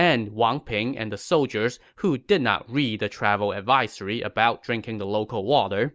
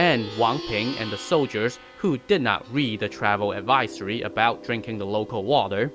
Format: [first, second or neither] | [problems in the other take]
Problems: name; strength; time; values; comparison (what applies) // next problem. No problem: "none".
first | background sound (Plucked string instrument); 14 dB below the speech